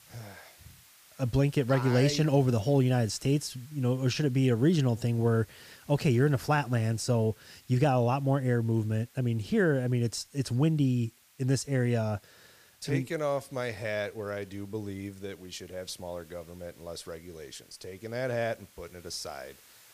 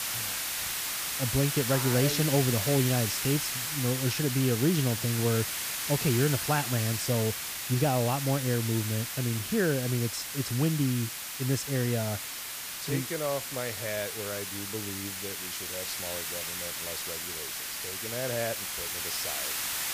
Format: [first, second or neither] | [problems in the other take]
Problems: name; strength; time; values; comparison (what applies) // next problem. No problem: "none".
first | hiss; loud; throughout; 2 dB below the speech; faint in the first